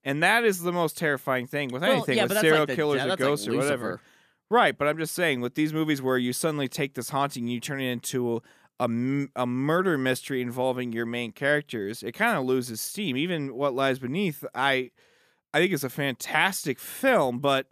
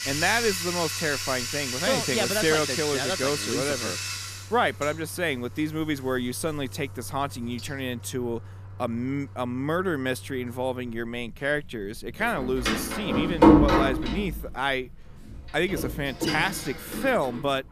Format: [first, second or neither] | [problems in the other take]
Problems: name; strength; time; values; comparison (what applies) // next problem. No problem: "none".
first | household noises; very loud; throughout; 2 dB above the speech